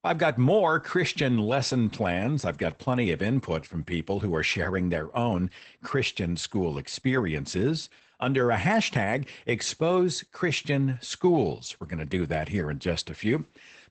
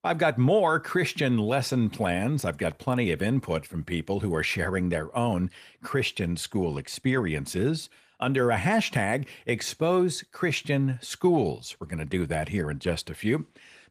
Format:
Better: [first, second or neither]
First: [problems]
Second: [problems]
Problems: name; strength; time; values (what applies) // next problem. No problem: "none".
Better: second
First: garbled, watery; badly; nothing above 8 kHz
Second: garbled, watery; slightly; nothing above 14.5 kHz